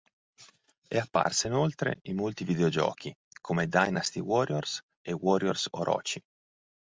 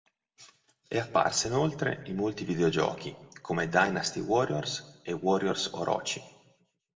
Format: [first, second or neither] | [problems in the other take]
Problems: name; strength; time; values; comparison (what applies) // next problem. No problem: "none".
first | room echo; dies away in 0.8 s